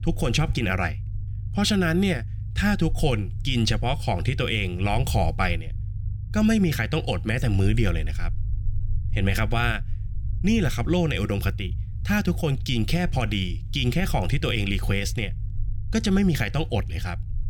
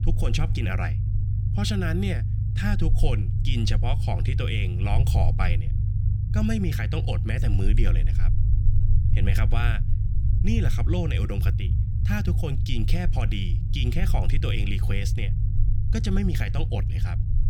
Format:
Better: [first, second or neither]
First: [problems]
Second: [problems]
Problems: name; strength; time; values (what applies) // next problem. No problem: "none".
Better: first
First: low rumble; faint; throughout; 20 dB below the speech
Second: low rumble; loud; throughout; 7 dB below the speech